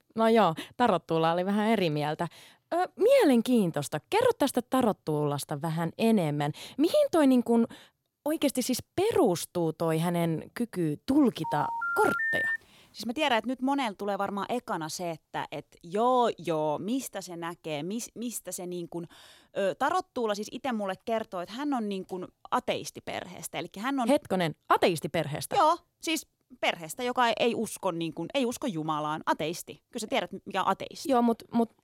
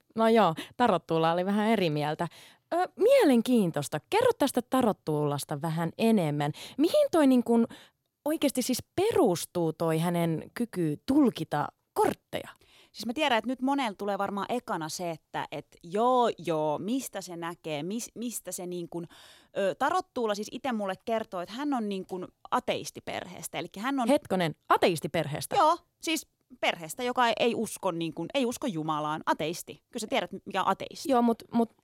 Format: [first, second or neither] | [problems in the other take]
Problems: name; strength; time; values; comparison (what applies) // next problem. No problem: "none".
second | phone ringing; loud; from 11 to 13 s; peak 2 dB above the speech